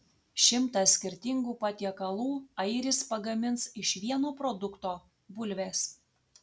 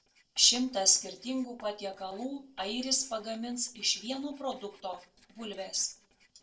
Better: first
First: none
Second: noise reduction (neural separator model SepFormer DNS4)

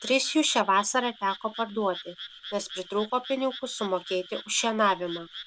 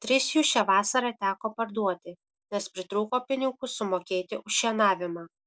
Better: second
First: background sound (Frog); 15 dB below the speech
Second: none

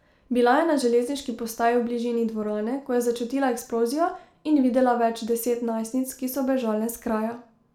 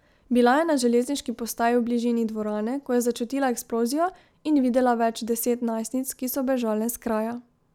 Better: second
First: room echo; dies away in 0.4 s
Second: none

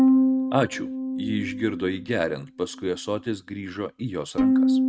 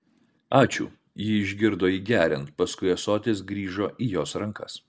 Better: second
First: noise reduction (neural mask model RNNoise)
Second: none

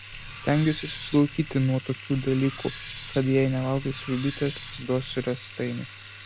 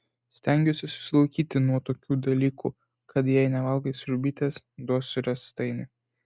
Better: second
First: background sound (Bathtub (filling or washing) + Cutlery, silverware); 14 dB below the speech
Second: none

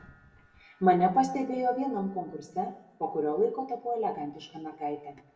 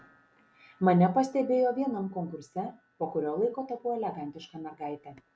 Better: second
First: room echo; dies away in 0.7 s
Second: none

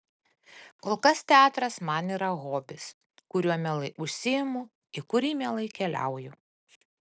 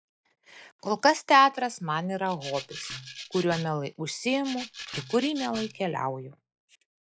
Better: first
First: none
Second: noise reduction (classical method log-MMSE)

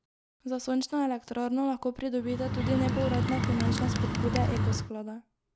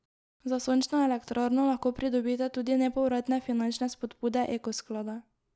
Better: second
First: background sound (Bird); 3 dB above the speech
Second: none

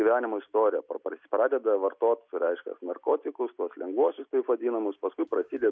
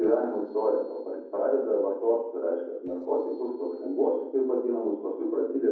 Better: first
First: none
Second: noise reduction (neural separator model SepFormer DNS4)

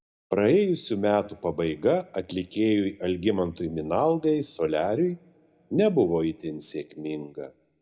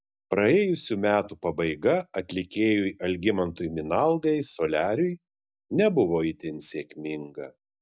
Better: second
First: room echo; dies away in 0.8 s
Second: none

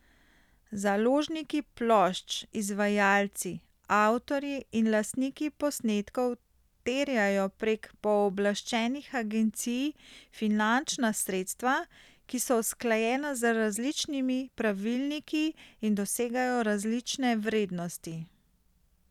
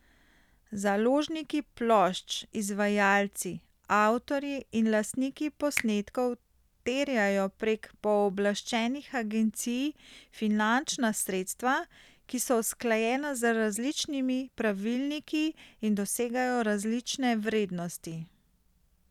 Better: first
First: none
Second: background sound (Finger snapping); 14 dB below the speech

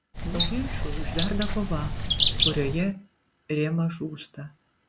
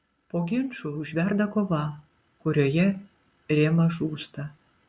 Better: second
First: background sound (Bird); 4 dB above the speech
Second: none

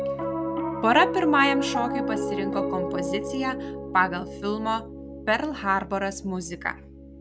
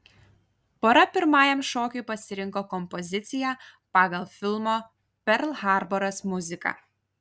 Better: second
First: background sound (Piano); 4 dB below the speech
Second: none

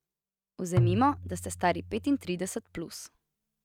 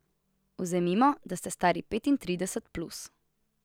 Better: second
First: noise reduction (neural mask model RNNoise)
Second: none

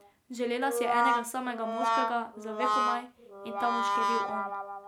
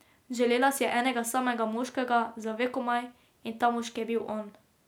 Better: second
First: background sound (Brass instrument); 4 dB above the speech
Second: none

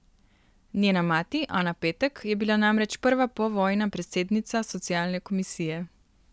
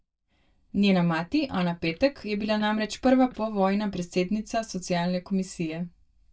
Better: first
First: none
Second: noise reduction (neural mask model DeepFilterNet 3)

